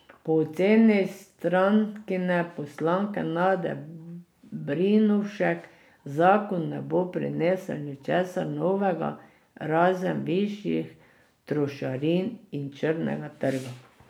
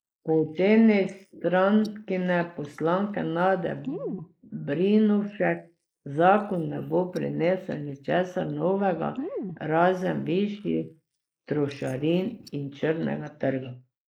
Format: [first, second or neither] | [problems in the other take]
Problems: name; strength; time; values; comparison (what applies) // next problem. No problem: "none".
first | noise reduction (neural mask model Resemble Enhance denoiser)